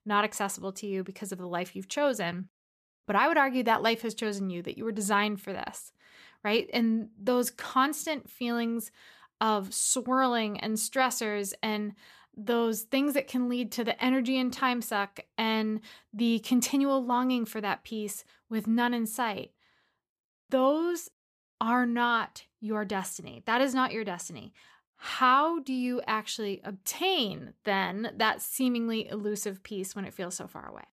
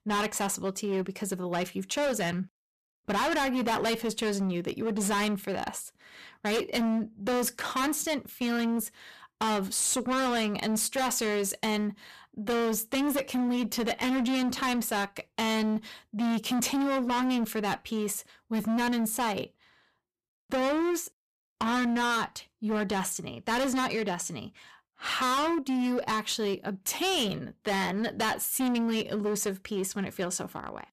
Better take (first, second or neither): first